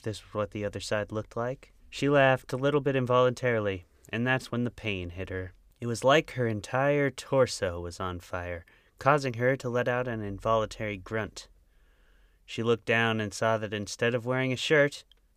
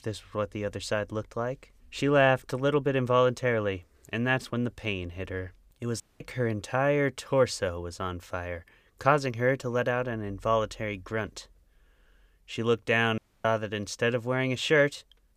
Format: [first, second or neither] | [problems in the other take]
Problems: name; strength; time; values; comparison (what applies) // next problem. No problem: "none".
first | audio cutting out; at 6 s and at 13 s